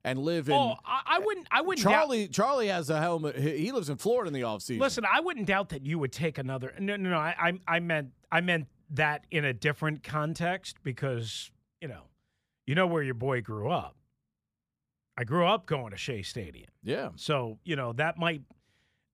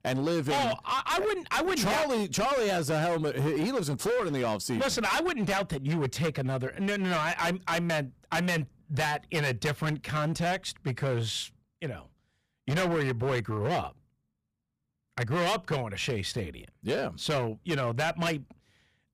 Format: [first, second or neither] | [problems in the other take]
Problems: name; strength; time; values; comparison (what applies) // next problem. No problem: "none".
first | distortion; heavy; 20% of the sound clipped